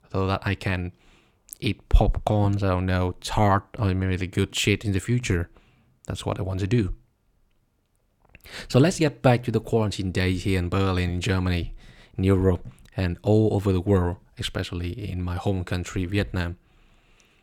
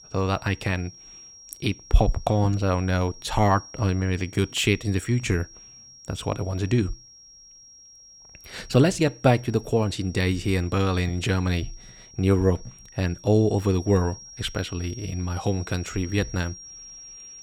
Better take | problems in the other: first | high-pitched whine; noticeable; throughout; 5.5 kHz, 20 dB below the speech

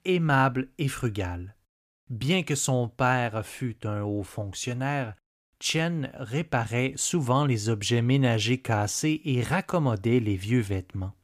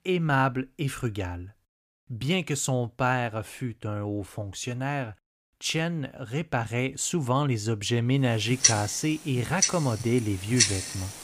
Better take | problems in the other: first | household noises; very loud; from 8.5 s on; 4 dB above the speech

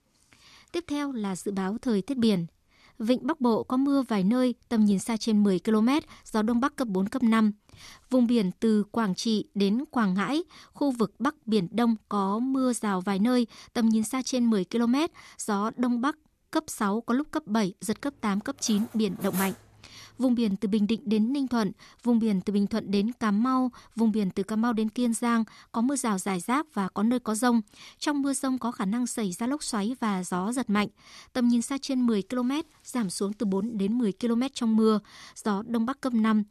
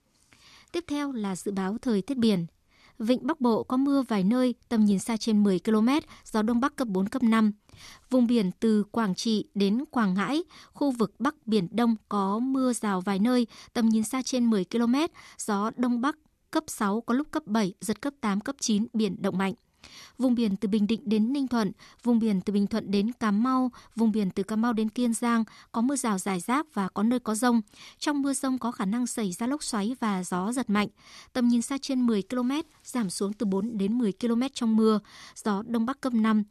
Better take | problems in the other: second | clattering dishes; noticeable; at 19 s; peak 8 dB below the speech

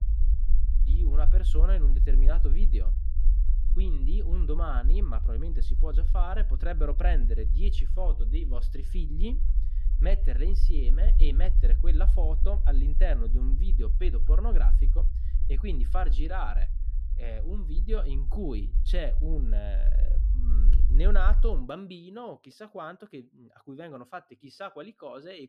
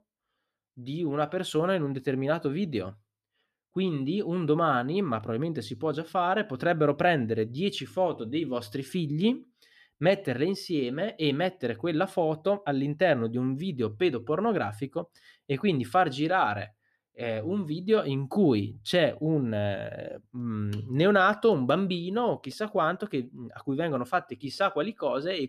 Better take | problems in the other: second | low rumble; noticeable; until 22 s; 10 dB below the speech

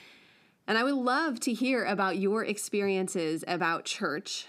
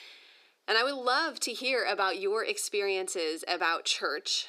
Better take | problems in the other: first | thin; very; fading below 400 Hz

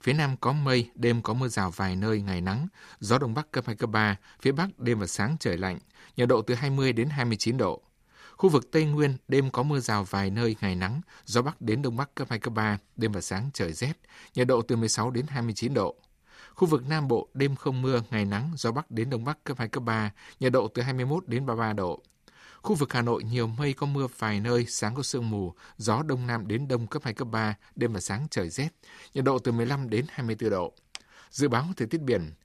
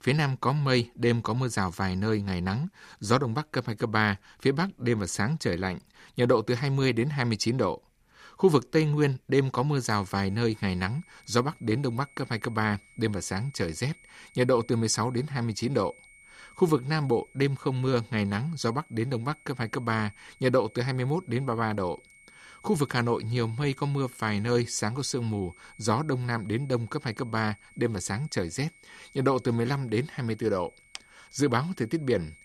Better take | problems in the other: first | high-pitched whine; faint; from 10 s on; 2 kHz, 25 dB below the speech

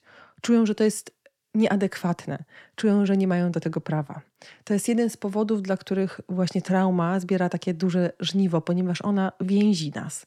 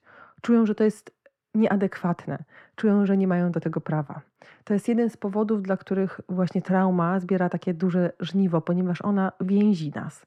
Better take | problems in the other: first | muffled; slightly; fading above 3 kHz

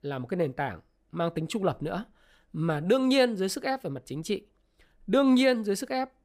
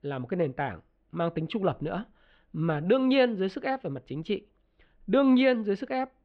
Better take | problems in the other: first | muffled; slightly; fading above 3 kHz

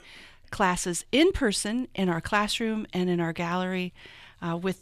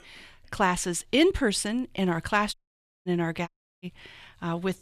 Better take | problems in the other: first | audio cutting out; at 2.5 s for 0.5 s and at 3.5 s

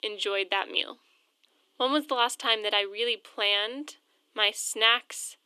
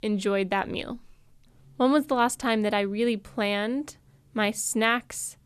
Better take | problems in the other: second | thin; somewhat; fading below 300 Hz

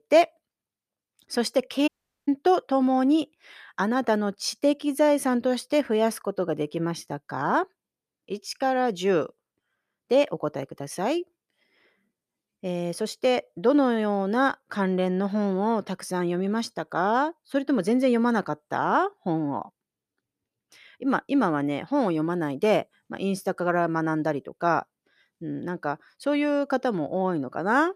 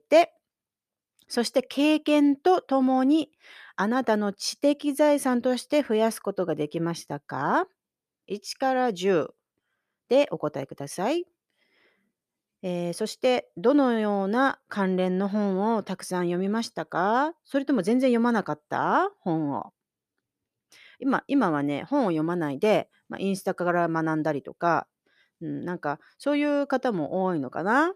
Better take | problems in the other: second | audio cutting out; at 2 s

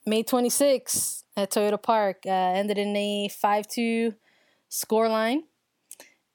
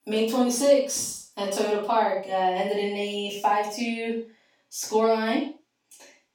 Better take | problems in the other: first | room echo; noticeable; dies away in 0.4 s // off-mic speech; far

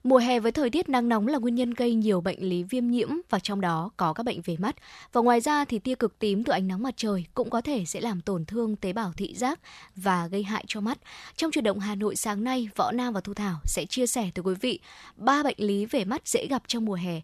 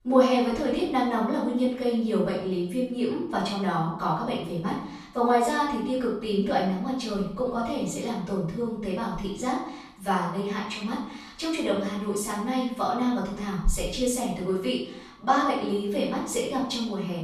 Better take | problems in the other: first | off-mic speech; far // room echo; noticeable; dies away in 0.6 s

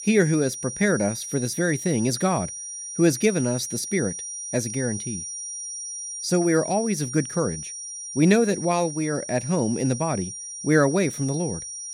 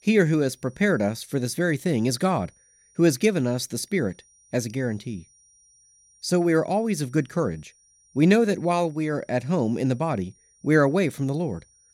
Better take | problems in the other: second | high-pitched whine; loud; throughout; 5.5 kHz, 8 dB below the speech; faint in the second

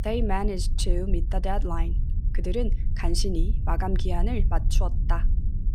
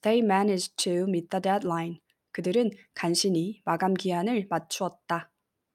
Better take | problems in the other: second | low rumble; noticeable; throughout; 15 dB below the speech

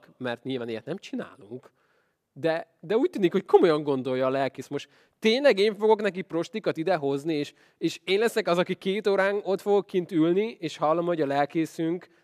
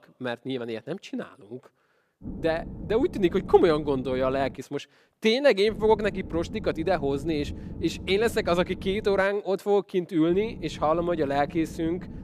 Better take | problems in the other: first | low rumble; faint; from 2 to 4.5 s, from 5.5 to 9 s and from 10 s on; 20 dB below the speech

